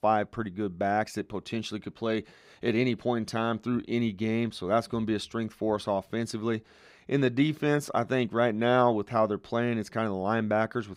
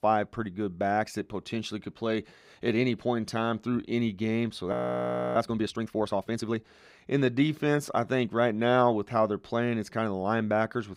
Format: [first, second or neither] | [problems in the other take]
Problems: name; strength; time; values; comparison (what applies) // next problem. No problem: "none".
first | audio freezing; at 4.5 s for 0.5 s